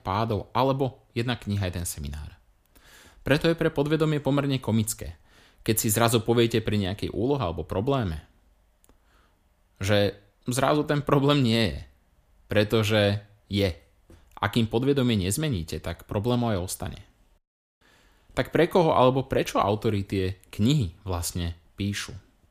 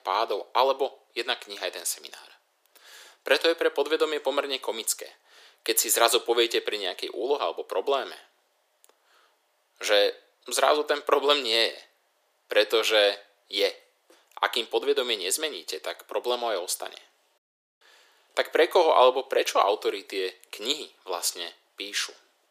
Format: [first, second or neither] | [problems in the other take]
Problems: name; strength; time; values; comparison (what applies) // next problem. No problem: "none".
first | thin; very; fading below 400 Hz